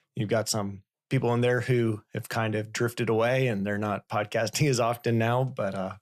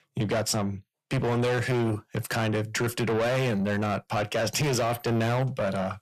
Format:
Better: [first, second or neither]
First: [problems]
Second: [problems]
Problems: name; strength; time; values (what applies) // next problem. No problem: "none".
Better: first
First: none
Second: distortion; heavy; 8 dB below the speech